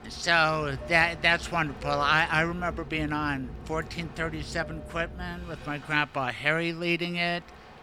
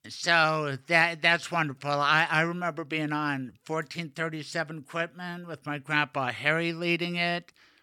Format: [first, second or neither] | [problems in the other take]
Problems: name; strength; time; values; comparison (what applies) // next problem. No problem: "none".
second | train or aircraft noise; noticeable; throughout; 15 dB below the speech